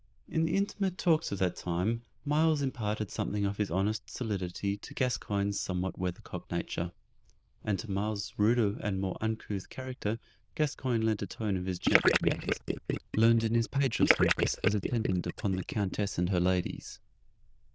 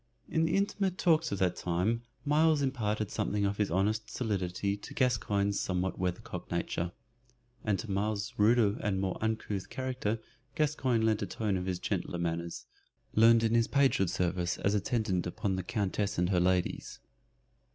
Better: second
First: noise reduction (neural diffusion model UNIVERSE++)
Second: none

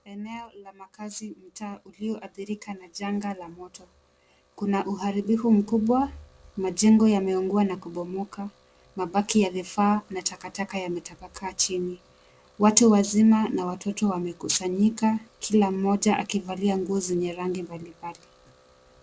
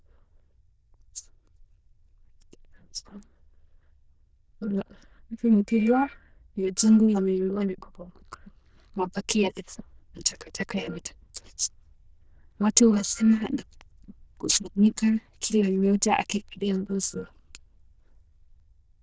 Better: first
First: none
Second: noise reduction (neural diffusion model UNIVERSE++)

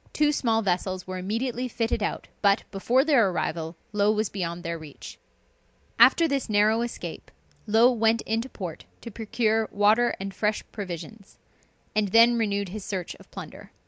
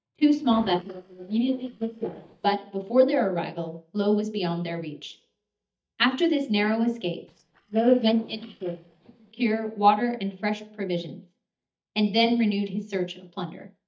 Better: first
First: none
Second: noise reduction (neural mask model DeepFilterNet 3)

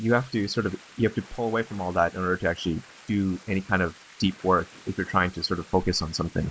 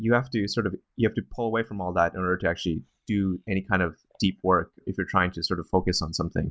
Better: second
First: noise reduction (neural mask model Resemble Enhance denoiser)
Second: none

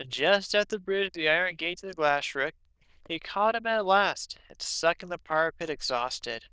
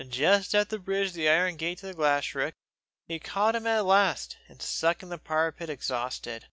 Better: second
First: noise reduction (neural diffusion model UNIVERSE++)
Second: none

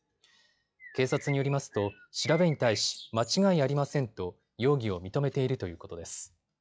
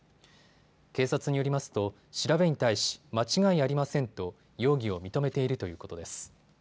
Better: second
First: noise reduction (classical method log-MMSE)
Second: none

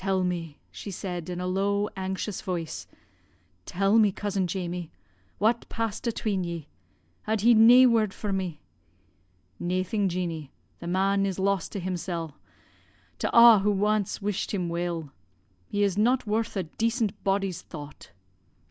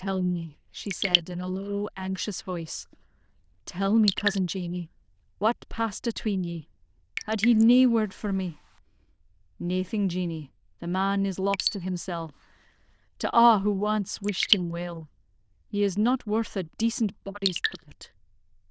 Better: first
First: none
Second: noise reduction (neural diffusion model UNIVERSE++)

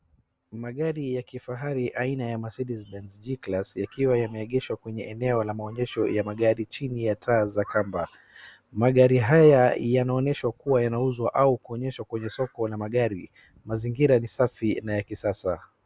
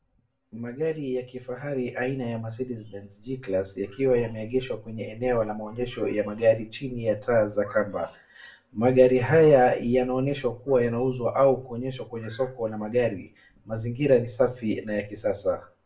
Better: first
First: none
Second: room echo; dies away in 0.3 s

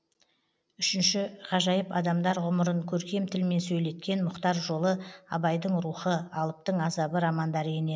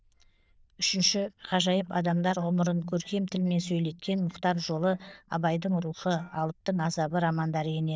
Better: first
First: none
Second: noise reduction (neural diffusion model UNIVERSE++)

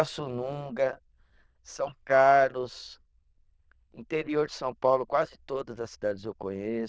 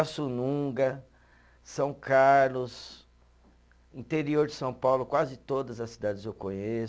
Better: second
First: noise reduction (neural diffusion model UNIVERSE++)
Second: none

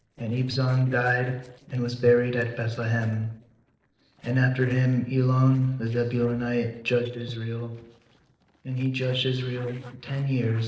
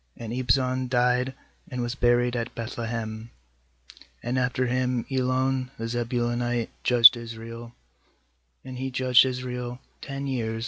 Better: second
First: noise reduction (neural separator model SepFormer DNS4)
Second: none

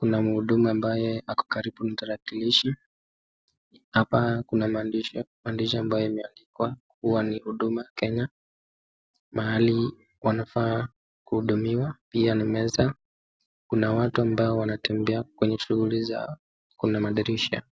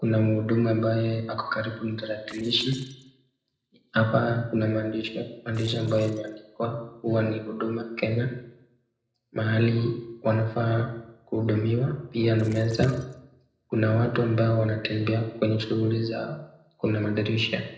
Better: first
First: none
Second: noise reduction (neural separator model SepFormer DNS4)

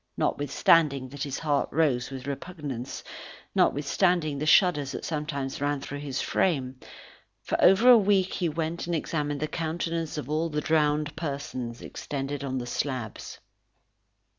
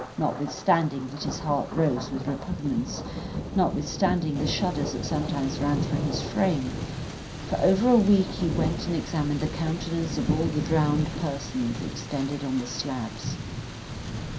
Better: first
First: none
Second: background sound (Thunder); 5 dB below the speech // room echo; dies away in 0.3 s

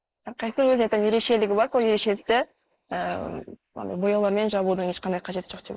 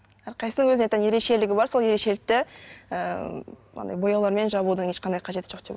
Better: second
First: noise reduction (neural mask model Resemble Enhance denoiser)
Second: none

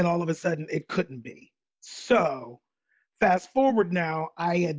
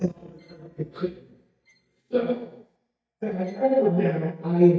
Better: first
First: none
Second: noise reduction (neural mask model DeepFilterNet 3)

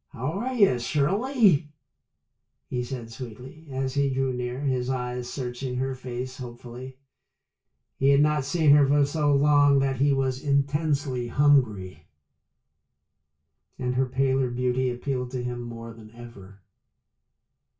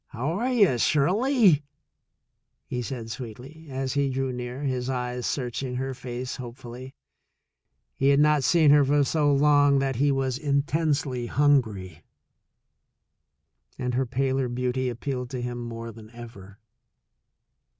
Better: second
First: room echo; dies away in 0.2 s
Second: none

